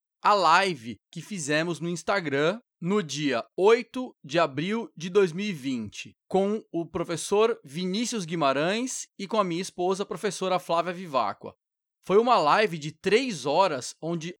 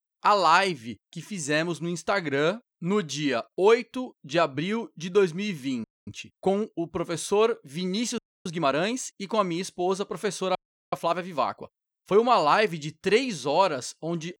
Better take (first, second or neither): first